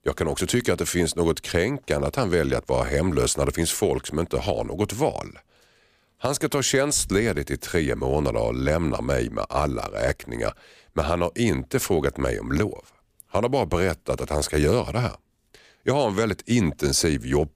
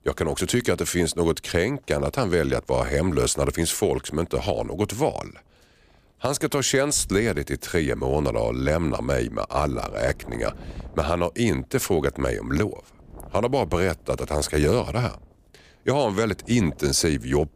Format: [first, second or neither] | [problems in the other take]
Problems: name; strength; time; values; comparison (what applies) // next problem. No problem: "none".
first | wind noise on the microphone; occasional gusts; 25 dB below the speech